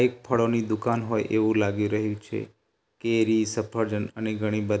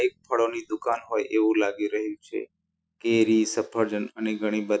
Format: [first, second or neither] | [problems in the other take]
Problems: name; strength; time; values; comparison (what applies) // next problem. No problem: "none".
first | noise reduction (classical method Wiener filter)